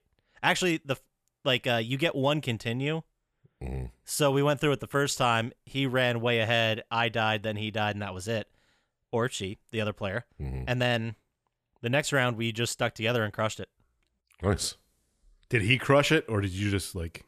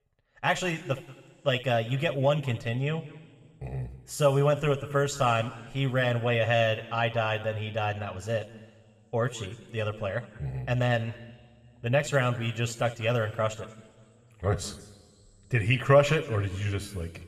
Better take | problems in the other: first | room echo; slight; dies away in 2 s

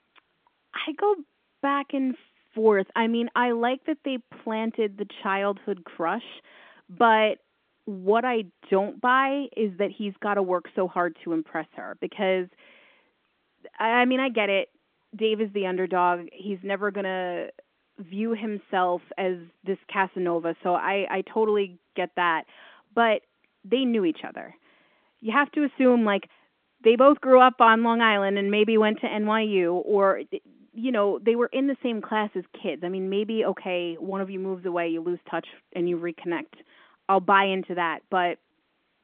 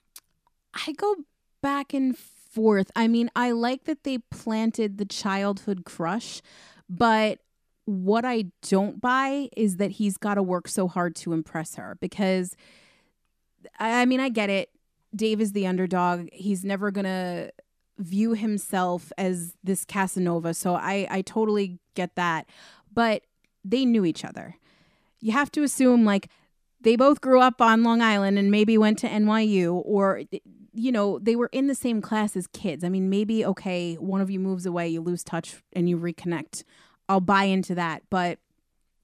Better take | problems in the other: second | phone-call audio

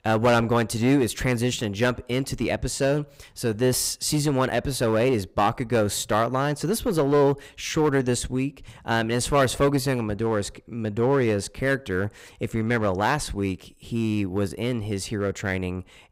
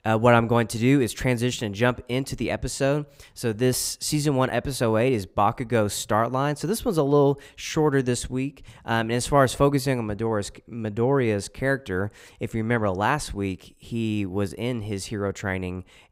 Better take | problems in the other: second | distortion; slight; 5% of the sound clipped

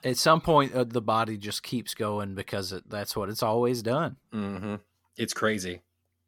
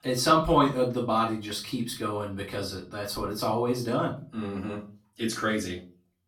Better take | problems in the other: first | off-mic speech; far // room echo; slight; dies away in 0.3 s

